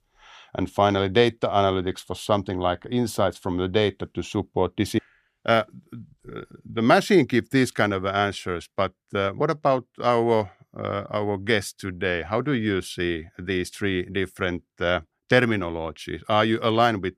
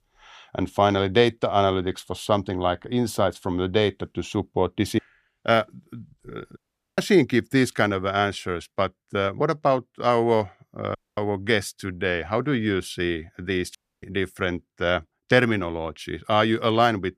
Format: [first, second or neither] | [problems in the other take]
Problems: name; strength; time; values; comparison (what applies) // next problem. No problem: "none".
first | audio cutting out; at 6.5 s, at 11 s and at 14 s